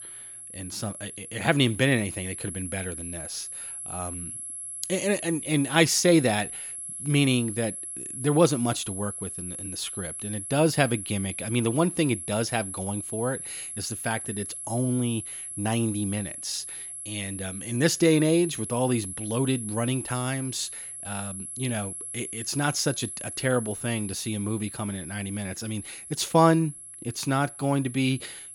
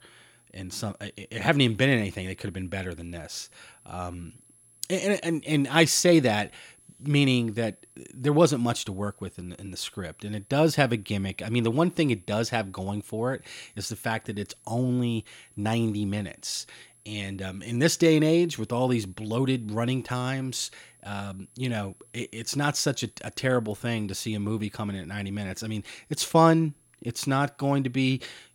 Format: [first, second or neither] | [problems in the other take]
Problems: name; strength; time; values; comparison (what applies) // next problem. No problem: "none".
second | high-pitched whine; loud; throughout; 11 kHz, 8 dB below the speech; faint in the second